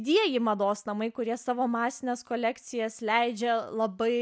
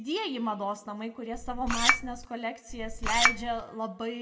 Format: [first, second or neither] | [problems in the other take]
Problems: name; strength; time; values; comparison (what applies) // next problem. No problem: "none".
first | background sound (Chink, clink); 5 dB above the speech // room echo; dies away in 0.8 s